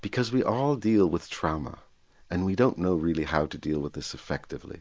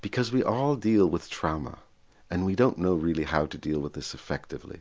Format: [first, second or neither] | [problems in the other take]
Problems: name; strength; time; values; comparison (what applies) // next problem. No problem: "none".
second | noise reduction (neural mask model Resemble Enhance denoiser)